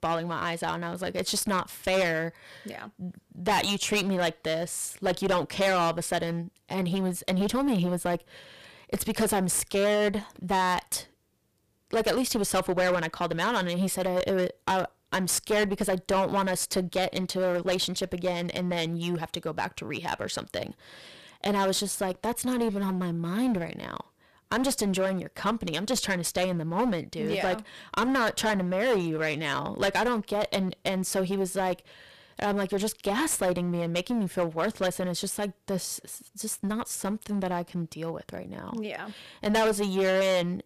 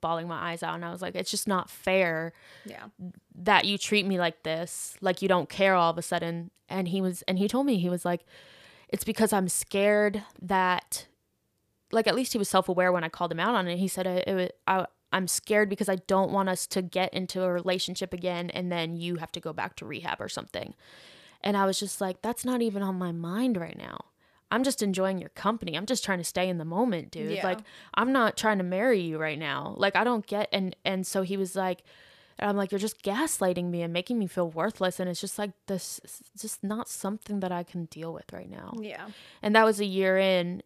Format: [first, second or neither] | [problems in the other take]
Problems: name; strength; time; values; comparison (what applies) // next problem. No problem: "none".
second | distortion; heavy; 11% of the sound clipped